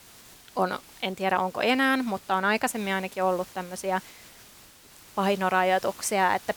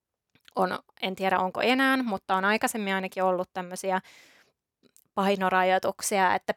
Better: second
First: hiss; faint; throughout; 20 dB below the speech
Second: none

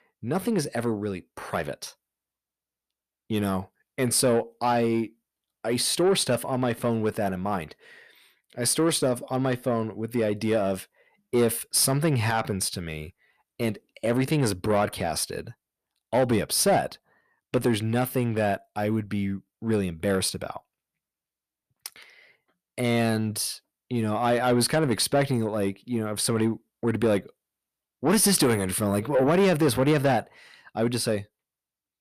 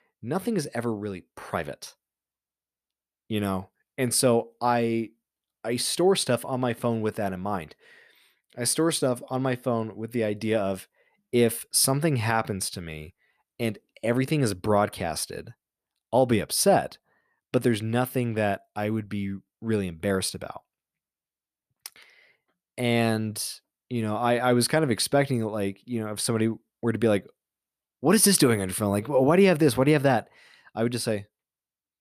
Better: second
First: distortion; slight; 10 dB below the speech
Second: none

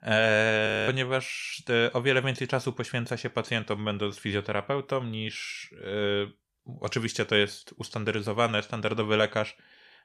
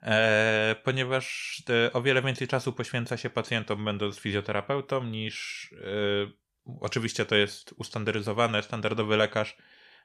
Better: second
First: audio freezing; at 0.5 s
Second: none

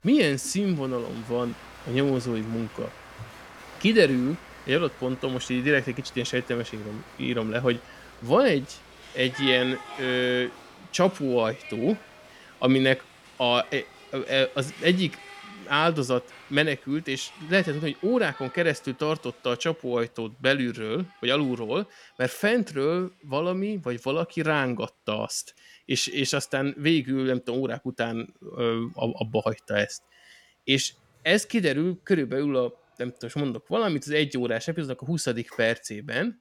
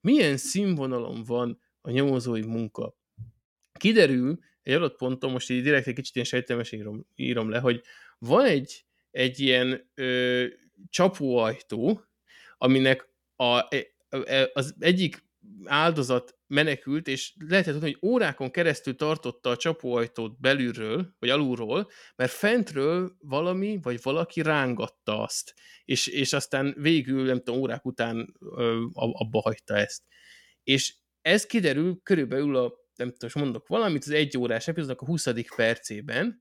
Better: second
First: crowd noise; noticeable; throughout; 20 dB below the speech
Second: none

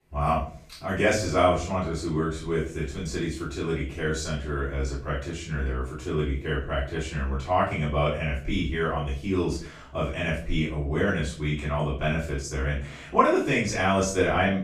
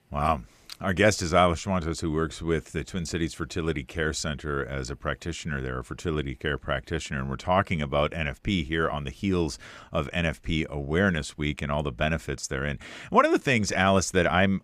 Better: second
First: room echo; noticeable; dies away in 0.4 s // off-mic speech; far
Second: none

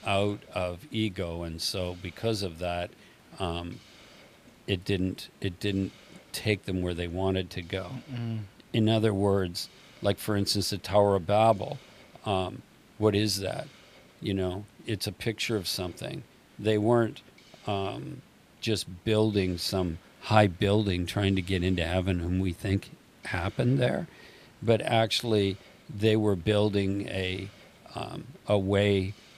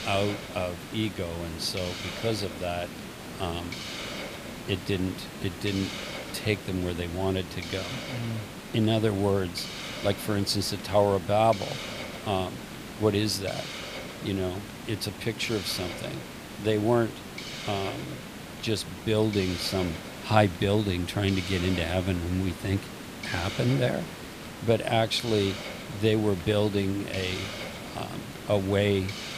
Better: first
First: hiss; faint; throughout; 25 dB below the speech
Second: hiss; loud; throughout; 9 dB below the speech

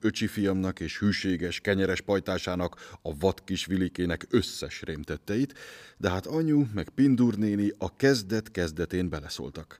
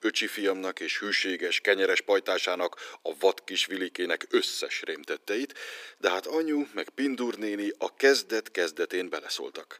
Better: first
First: none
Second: thin; somewhat; fading below 350 Hz

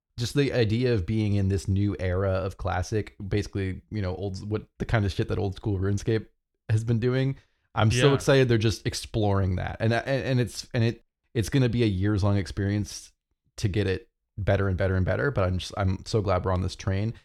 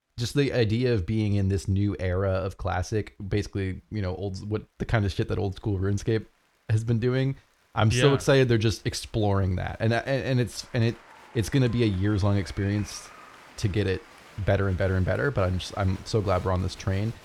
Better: first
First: none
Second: crowd noise; faint; throughout; 25 dB below the speech

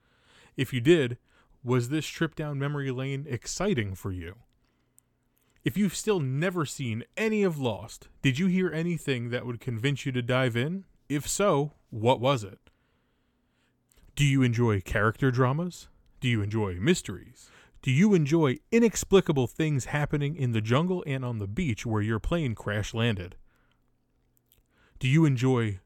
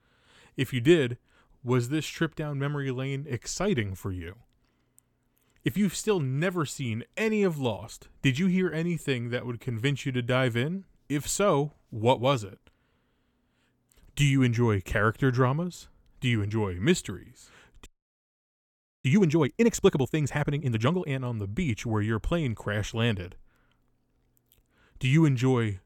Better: first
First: none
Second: audio freezing; at 18 s for 1 s

